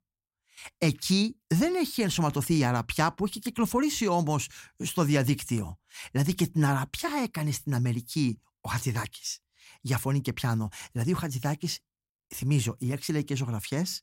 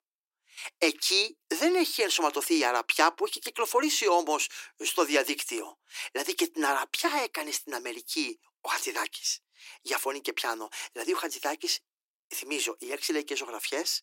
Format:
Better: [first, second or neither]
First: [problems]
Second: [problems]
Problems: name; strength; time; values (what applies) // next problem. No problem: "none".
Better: first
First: none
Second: thin; very; fading below 300 Hz